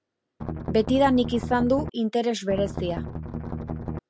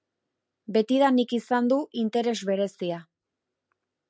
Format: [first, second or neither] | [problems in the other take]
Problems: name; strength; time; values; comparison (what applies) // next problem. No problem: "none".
second | background sound (Strum); 6 dB below the speech